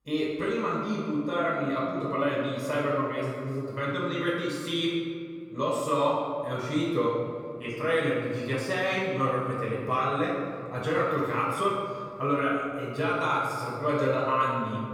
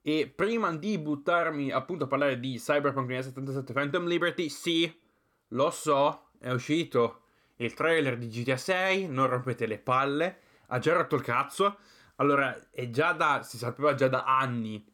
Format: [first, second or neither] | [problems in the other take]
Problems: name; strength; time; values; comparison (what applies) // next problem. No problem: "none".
second | room echo; noticeable; dies away in 2 s // off-mic speech; far